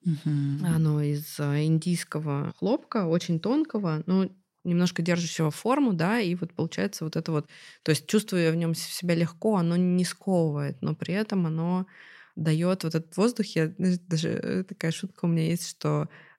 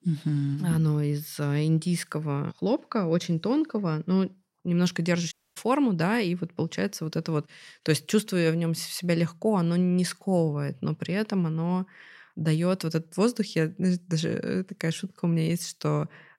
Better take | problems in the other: first | audio cutting out; at 5.5 s

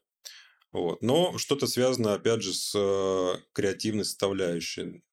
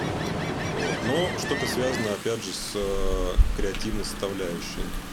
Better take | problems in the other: first | rain or running water; loud; throughout; as loud as the speech

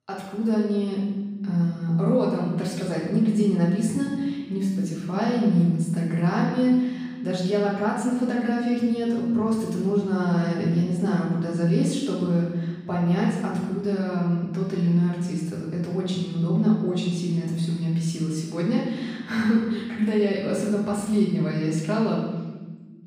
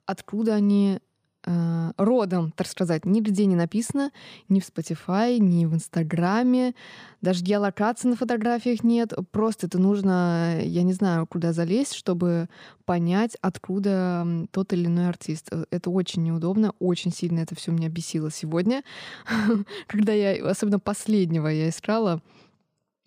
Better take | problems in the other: second | off-mic speech; far // room echo; noticeable; dies away in 1.1 s

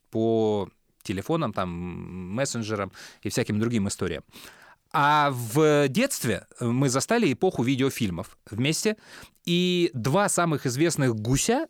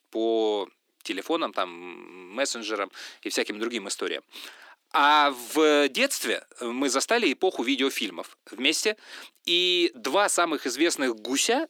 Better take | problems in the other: first | thin; somewhat; fading below 300 Hz

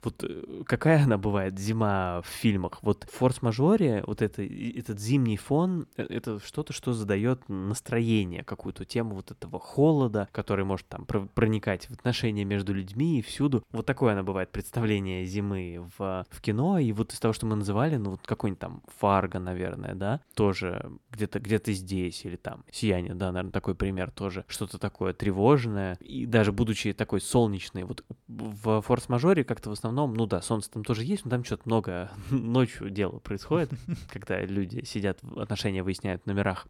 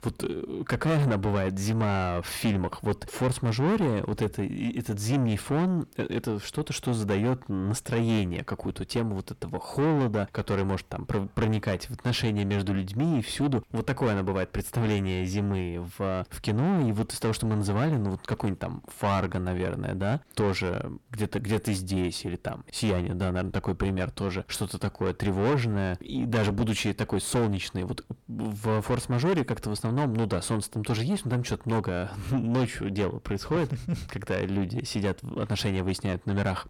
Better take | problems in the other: first | distortion; heavy; 7 dB below the speech

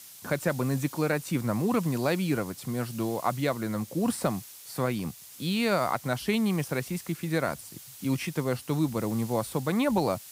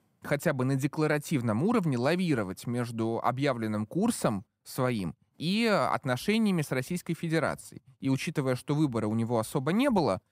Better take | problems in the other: second | hiss; noticeable; throughout; 15 dB below the speech

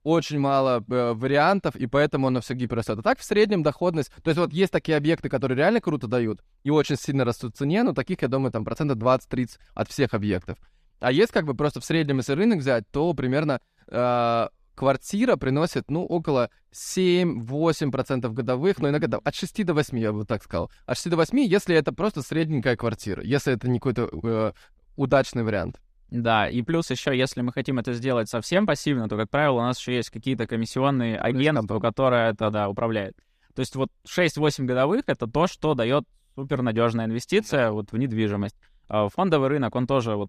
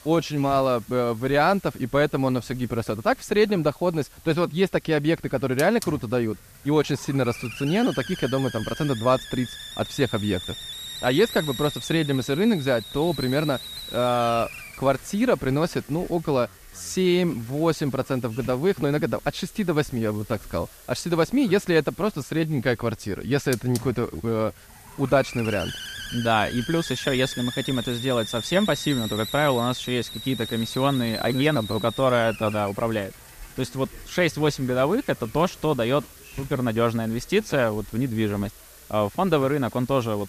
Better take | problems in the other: first | hiss; noticeable; throughout; 10 dB below the speech

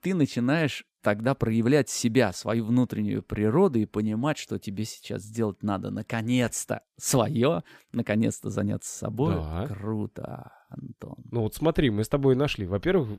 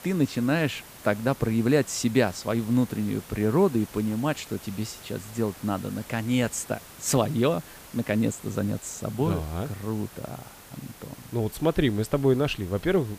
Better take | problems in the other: first | hiss; noticeable; throughout; 20 dB below the speech

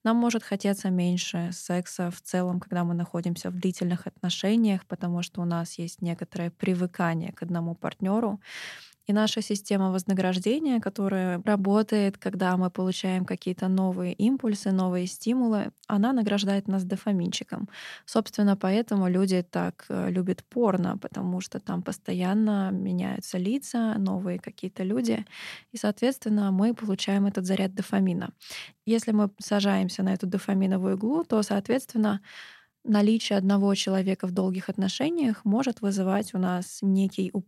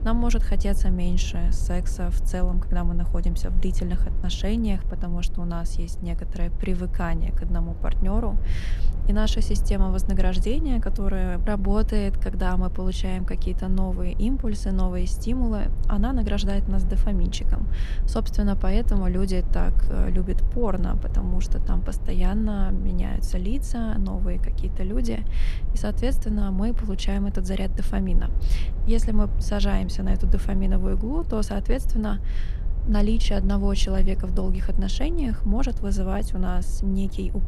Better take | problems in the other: first | low rumble; noticeable; throughout; 15 dB below the speech

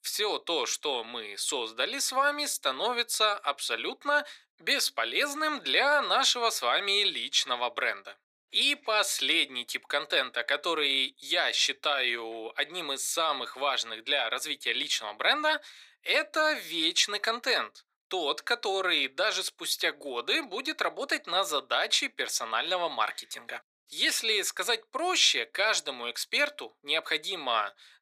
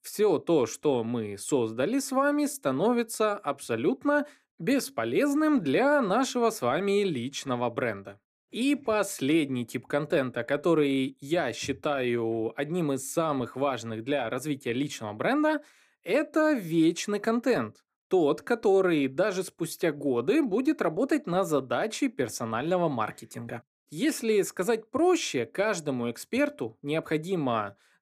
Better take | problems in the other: second | thin; very; fading below 850 Hz

